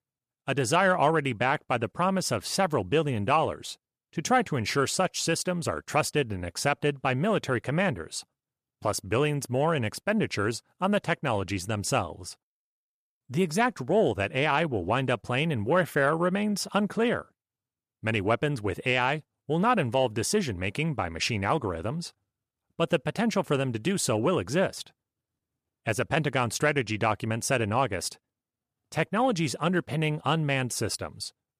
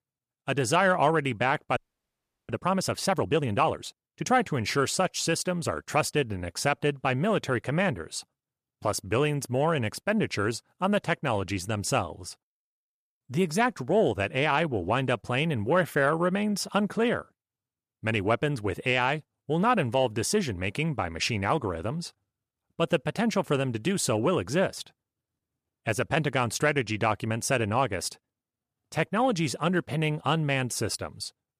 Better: first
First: none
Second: audio freezing; at 2 s for 0.5 s

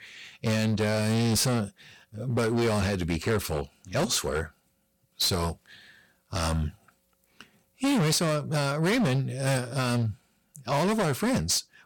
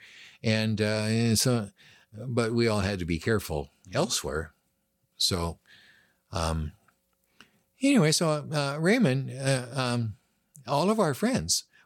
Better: second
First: distortion; heavy; 15% of the sound clipped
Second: none

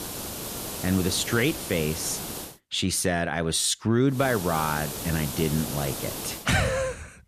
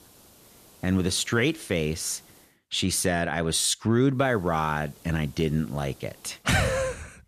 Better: second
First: hiss; loud; until 2.5 s and from 4 to 6.5 s; 7 dB below the speech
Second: hiss; faint; until 2.5 s and from 4 to 6.5 s; 25 dB below the speech

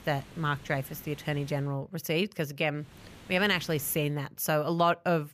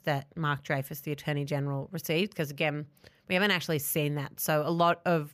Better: second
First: hiss; faint; until 1.5 s and from 3 to 4 s; 20 dB below the speech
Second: none

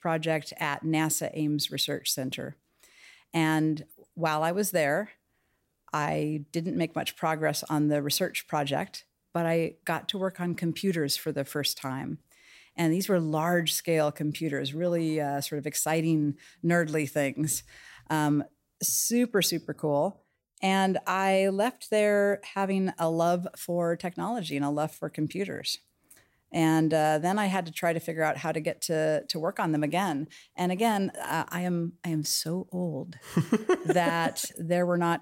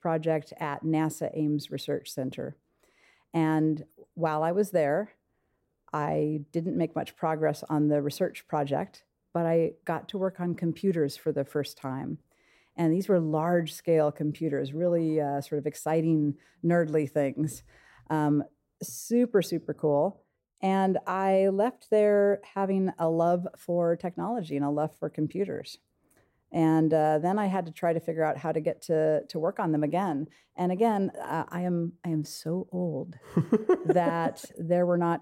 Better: first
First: none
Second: muffled; slightly; fading above 1.5 kHz

